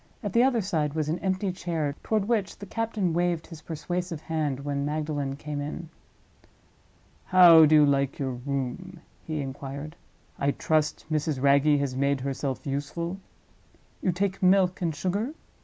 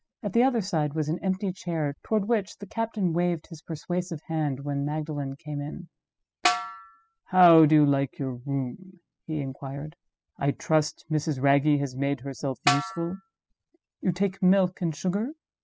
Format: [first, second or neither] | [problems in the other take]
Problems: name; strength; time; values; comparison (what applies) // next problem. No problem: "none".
first | noise reduction (classical method spectral subtraction)